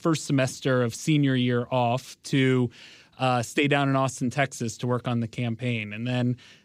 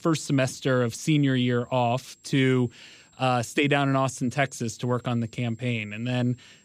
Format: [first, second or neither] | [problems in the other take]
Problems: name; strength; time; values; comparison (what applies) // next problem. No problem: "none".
first | high-pitched whine; faint; throughout; 7.5 kHz, 35 dB below the speech